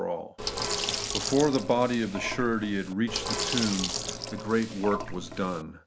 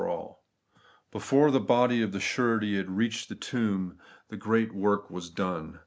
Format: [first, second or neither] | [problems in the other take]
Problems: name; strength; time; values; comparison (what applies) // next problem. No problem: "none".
second | background sound (Sink (filling or washing)); 4 dB below the speech